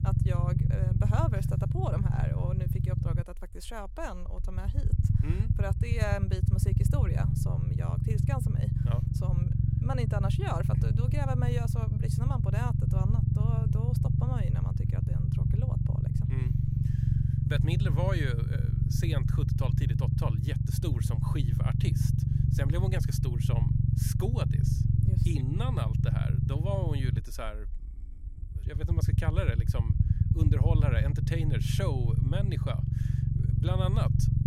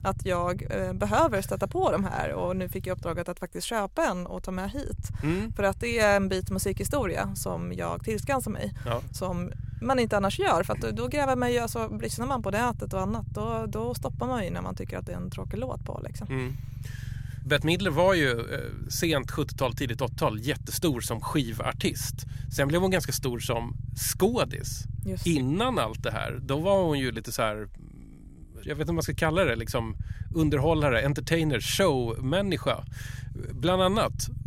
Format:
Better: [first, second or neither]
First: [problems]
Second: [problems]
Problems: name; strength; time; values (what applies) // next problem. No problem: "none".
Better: second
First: low rumble; loud; throughout; as loud as the speech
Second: low rumble; faint; throughout; 25 dB below the speech